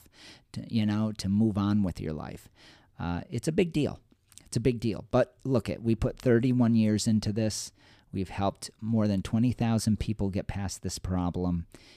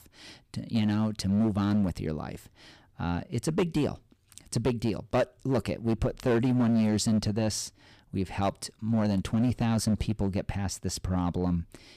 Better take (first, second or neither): first